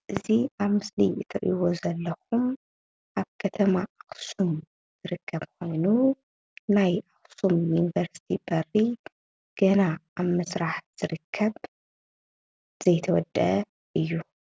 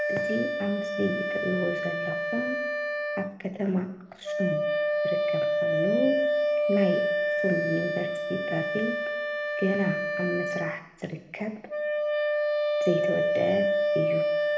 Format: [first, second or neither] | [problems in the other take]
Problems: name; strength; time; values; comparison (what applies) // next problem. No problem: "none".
first | background sound (Wind instrument, woodwind instrument); 4 dB above the speech // room echo; dies away in 0.8 s